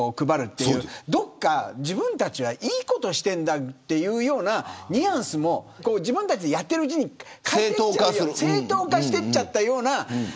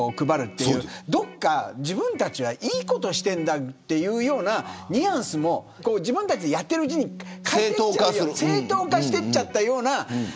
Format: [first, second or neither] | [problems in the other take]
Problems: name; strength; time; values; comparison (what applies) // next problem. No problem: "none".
first | background sound (Electric guitar); 20 dB below the speech